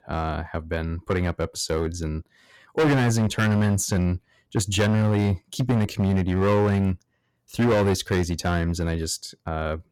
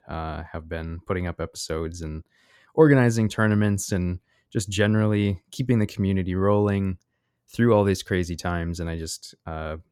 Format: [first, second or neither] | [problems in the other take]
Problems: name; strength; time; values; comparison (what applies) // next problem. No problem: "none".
second | distortion; heavy; 12% of the sound clipped